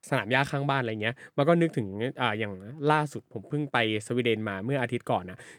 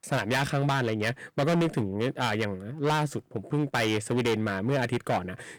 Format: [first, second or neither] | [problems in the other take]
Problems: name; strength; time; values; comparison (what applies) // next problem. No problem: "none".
first | distortion; heavy; 18% of the sound clipped